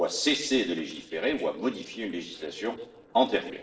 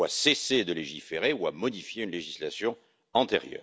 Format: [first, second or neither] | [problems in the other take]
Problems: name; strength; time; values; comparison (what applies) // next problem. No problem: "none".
second | noise reduction (neural separator model SepFormer DNS4)